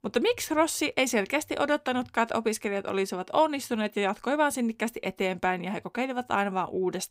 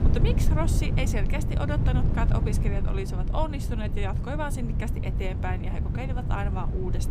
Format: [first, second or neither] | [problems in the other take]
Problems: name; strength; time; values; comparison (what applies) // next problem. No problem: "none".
first | wind noise on the microphone; heavy; 5 dB below the speech